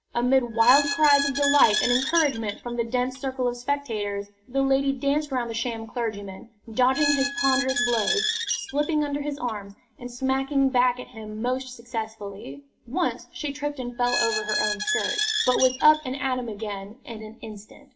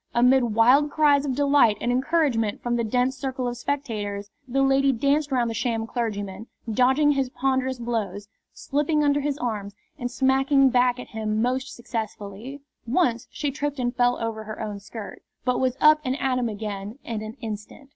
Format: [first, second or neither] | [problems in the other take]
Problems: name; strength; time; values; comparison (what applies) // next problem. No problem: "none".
second | background sound (Squeak); 4 dB below the speech // room echo; dies away in 0.4 s